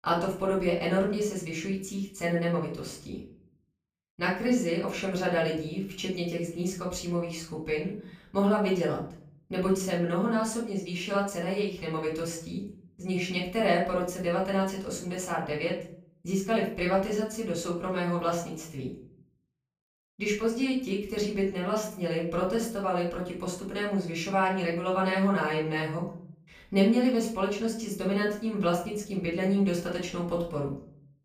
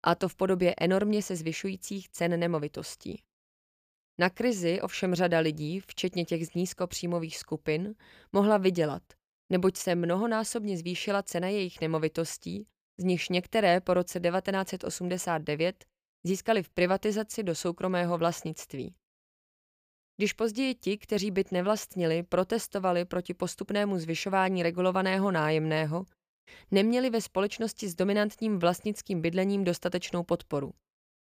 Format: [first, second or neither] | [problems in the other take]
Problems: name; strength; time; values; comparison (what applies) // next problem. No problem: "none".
second | off-mic speech; far // room echo; slight; dies away in 0.4 s